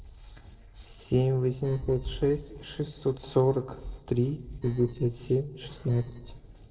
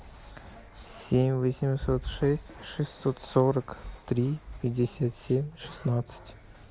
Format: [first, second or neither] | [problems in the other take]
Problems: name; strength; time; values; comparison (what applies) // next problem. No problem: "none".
second | noise reduction (neural separator model SepFormer DNS4)